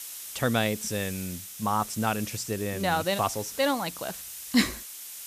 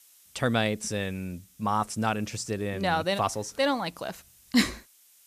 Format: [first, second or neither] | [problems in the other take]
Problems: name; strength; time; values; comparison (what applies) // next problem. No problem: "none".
second | hiss; loud; throughout; 9 dB below the speech; faint in the second